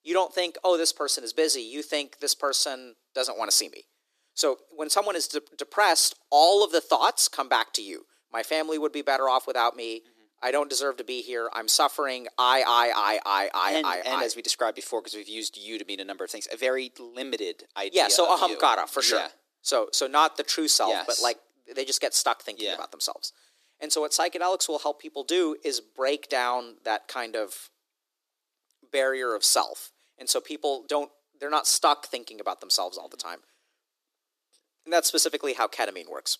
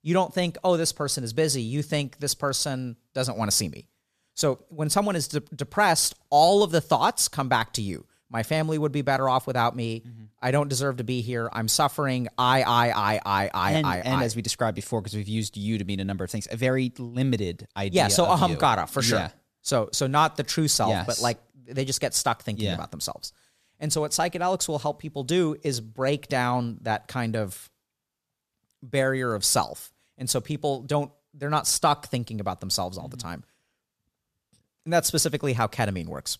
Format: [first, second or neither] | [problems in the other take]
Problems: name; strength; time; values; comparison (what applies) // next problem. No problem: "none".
second | thin; very; fading below 300 Hz